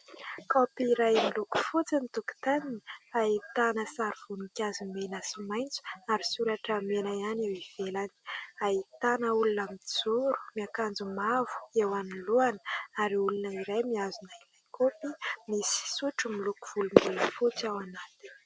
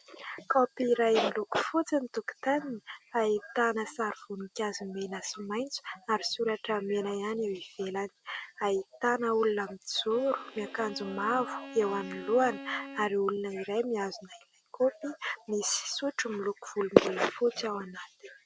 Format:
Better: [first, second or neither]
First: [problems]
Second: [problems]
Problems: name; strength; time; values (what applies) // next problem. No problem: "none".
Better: first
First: none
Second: background sound (Bowed string instrument); 14 dB below the speech